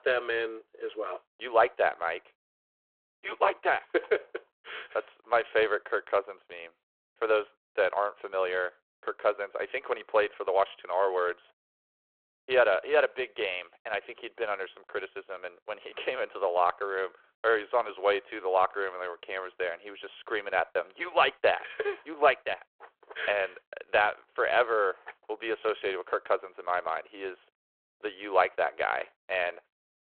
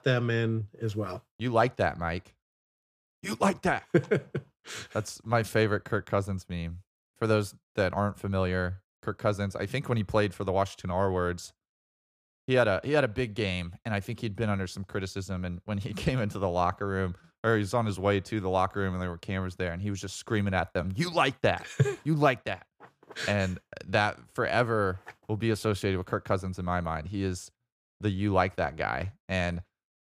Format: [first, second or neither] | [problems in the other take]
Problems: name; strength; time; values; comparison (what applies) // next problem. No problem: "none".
second | phone-call audio